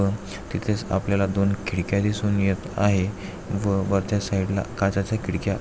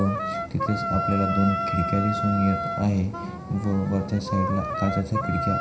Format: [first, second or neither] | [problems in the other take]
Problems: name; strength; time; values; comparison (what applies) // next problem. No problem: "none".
first | background sound (Wind instrument, woodwind instrument); 4 dB below the speech // room echo; dies away in 0.5 s